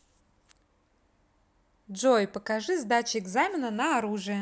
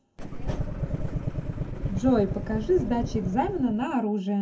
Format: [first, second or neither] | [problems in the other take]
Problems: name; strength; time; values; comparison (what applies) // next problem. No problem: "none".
first | background sound (Engine starting / Car); 3 dB below the speech // room echo; dies away in 0.3 s